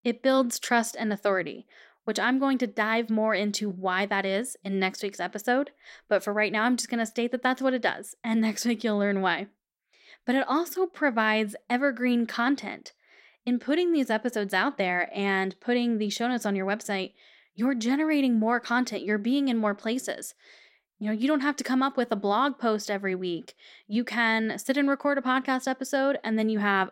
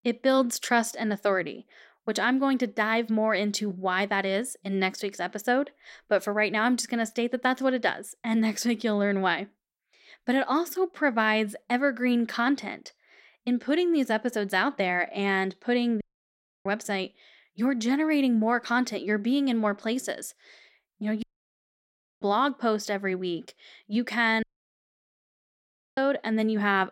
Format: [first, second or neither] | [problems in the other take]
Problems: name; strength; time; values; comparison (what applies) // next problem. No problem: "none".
first | audio cutting out; at 16 s for 0.5 s, at 21 s for 1 s and at 24 s for 1.5 s